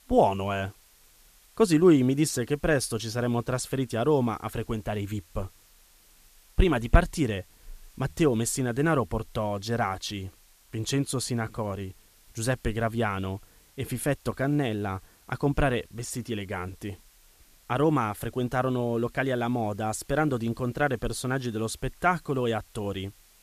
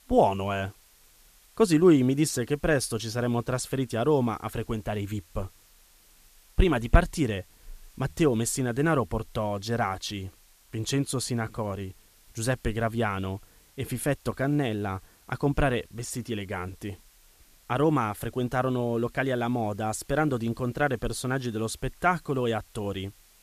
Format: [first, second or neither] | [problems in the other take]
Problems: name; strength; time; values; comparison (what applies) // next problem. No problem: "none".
neither | hiss; faint; throughout; 30 dB below the speech; the same in both